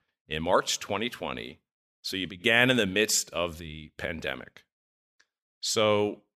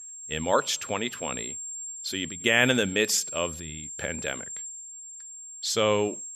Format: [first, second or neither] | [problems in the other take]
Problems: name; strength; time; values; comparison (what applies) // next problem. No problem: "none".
first | high-pitched whine; loud; throughout; 7.5 kHz, 10 dB below the speech